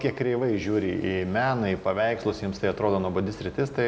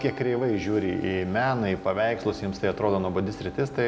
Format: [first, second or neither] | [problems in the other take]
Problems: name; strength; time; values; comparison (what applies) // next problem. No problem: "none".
first | background sound (Musical instrument); 17 dB below the speech